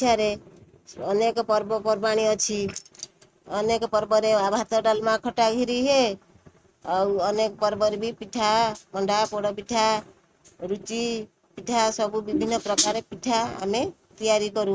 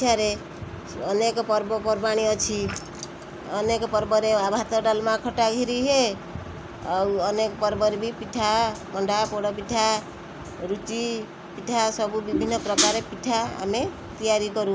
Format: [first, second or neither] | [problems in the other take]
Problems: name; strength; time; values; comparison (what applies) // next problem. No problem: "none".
second | noise reduction (neural mask model RNNoise)